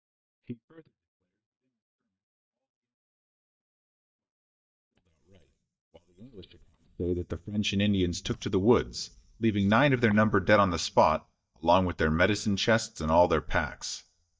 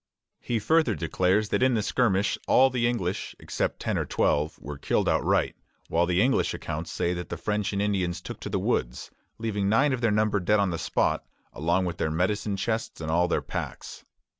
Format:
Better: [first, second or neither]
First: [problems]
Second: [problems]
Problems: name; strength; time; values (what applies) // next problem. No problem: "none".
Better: second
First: noise reduction (neural mask model DeepFilterNet 3)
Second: none